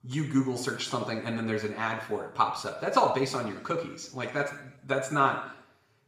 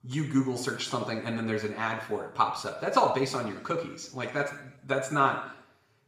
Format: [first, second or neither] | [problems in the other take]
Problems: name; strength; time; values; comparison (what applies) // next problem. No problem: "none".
neither | room echo; slight; dies away in 0.7 s; the same in both // off-mic speech; far; the same in both